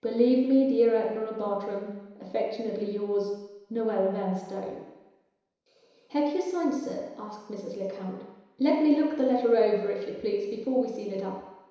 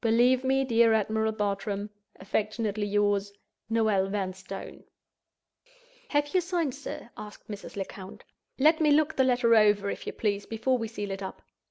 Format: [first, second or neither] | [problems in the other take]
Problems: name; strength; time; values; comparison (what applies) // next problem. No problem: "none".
second | room echo; dies away in 1 s